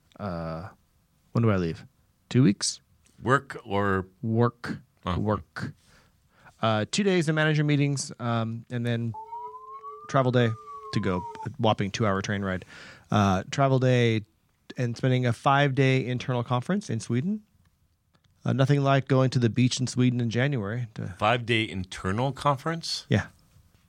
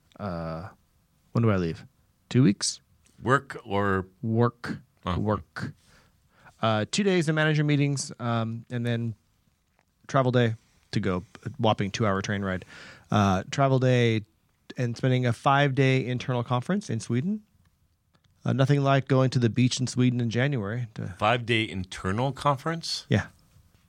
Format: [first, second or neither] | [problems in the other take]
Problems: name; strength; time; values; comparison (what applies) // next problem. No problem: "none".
second | alarm; faint; from 9 to 11 s; peak 15 dB below the speech